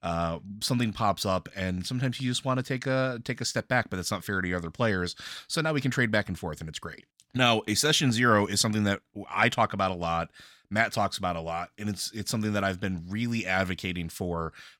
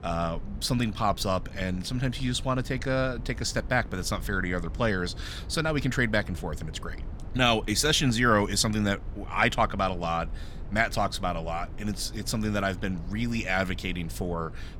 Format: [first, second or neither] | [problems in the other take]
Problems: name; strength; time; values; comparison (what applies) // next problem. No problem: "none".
first | low rumble; faint; throughout; 25 dB below the speech